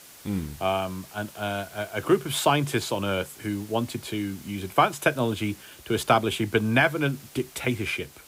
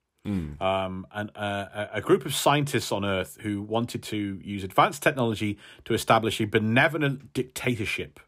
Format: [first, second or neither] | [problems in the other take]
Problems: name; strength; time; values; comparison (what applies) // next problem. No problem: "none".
second | hiss; noticeable; throughout; 20 dB below the speech